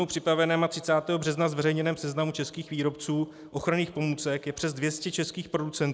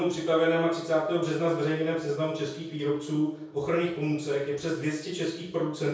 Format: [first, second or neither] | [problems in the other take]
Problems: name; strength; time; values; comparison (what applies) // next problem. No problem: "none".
first | room echo; dies away in 0.6 s